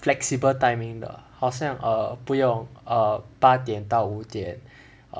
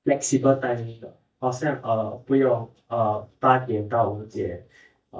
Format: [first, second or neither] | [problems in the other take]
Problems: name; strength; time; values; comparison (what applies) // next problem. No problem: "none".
first | noise reduction (neural mask model DeepFilterNet 3)